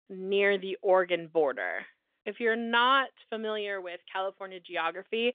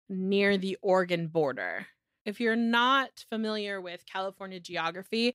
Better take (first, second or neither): second